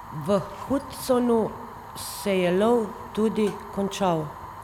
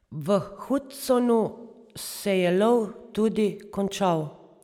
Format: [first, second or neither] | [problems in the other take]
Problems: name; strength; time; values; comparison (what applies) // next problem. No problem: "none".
second | background sound (Fire); 14 dB below the speech